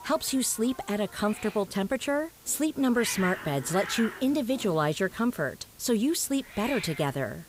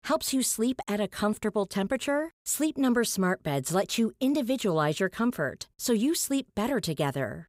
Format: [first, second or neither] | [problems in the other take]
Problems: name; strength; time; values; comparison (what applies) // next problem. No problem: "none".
second | hiss; noticeable; throughout; 10 dB below the speech